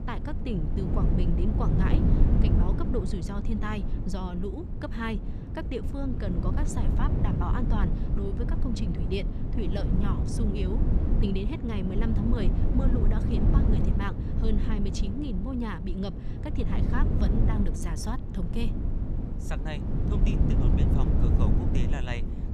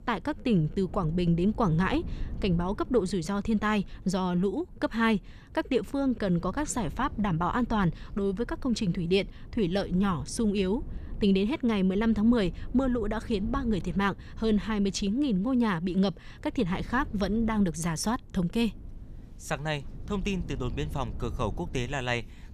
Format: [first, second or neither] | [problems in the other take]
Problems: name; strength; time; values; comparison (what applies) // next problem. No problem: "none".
second | low rumble; loud; throughout; 1 dB below the speech; faint in the second